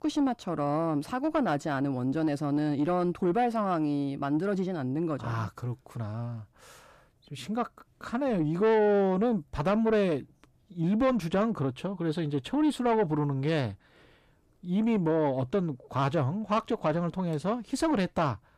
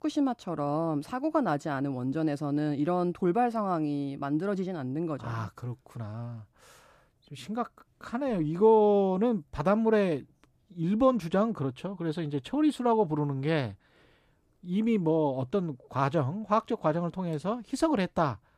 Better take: second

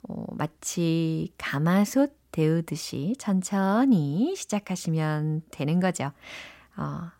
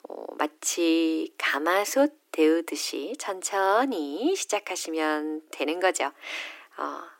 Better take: first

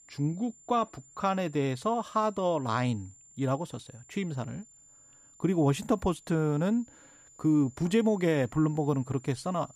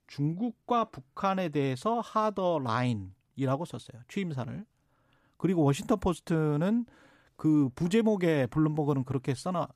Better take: second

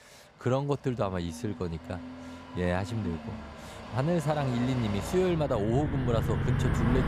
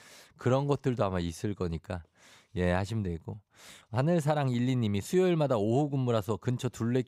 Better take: second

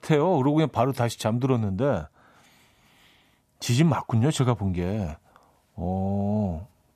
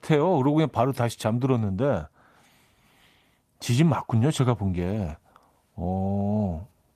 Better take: first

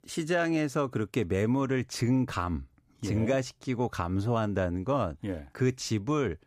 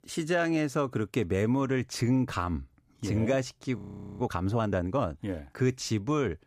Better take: first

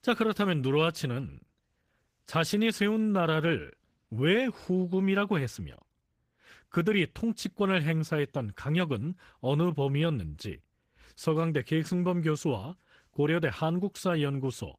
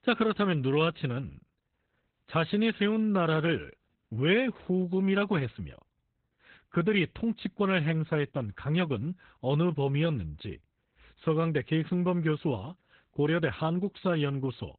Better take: first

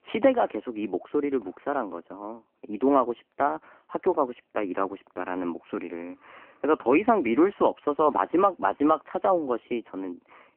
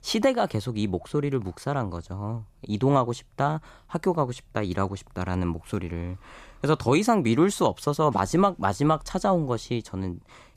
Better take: second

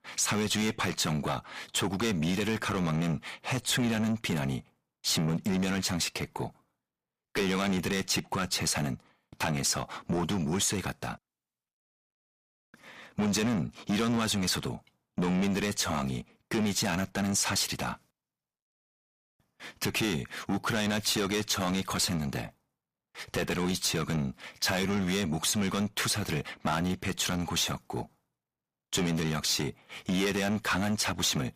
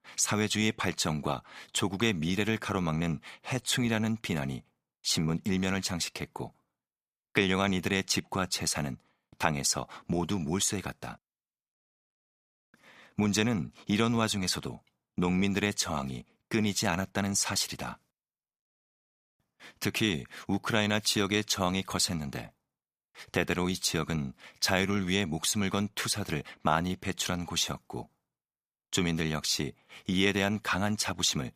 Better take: second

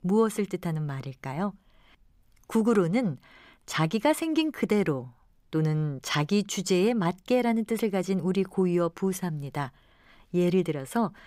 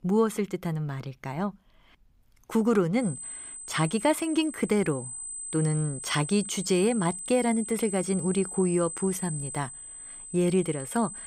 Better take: first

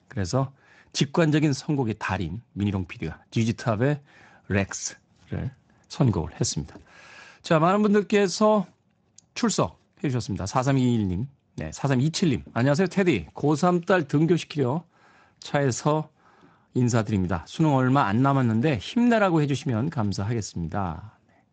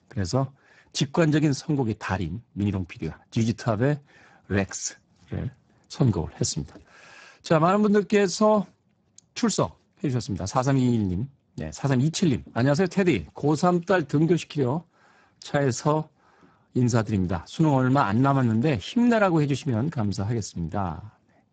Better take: first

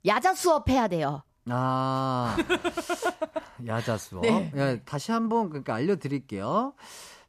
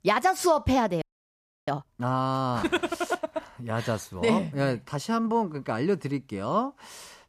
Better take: first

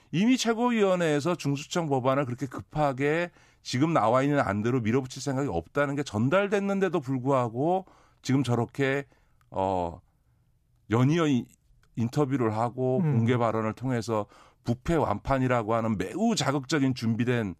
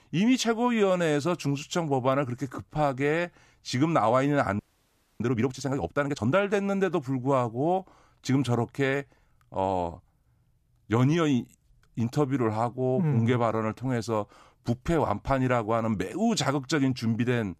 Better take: first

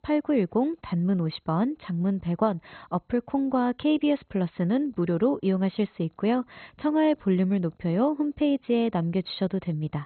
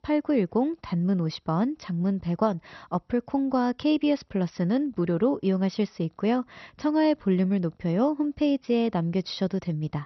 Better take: second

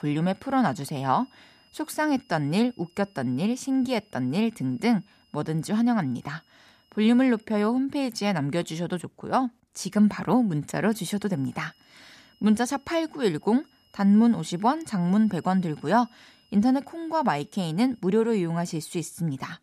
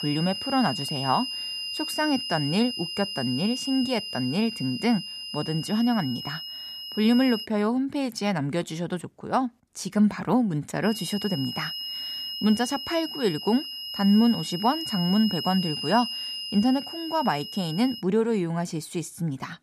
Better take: first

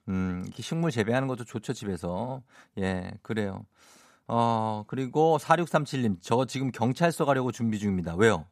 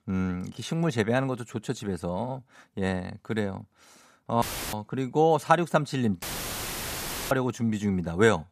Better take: first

